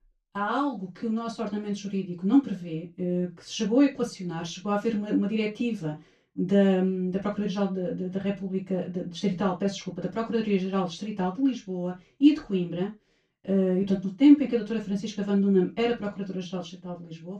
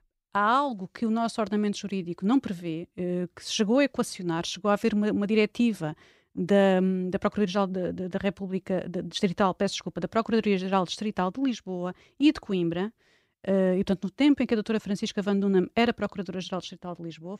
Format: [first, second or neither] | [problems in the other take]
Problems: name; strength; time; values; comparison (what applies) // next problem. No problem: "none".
second | room echo; very slight; dies away in 0.2 s // off-mic speech; far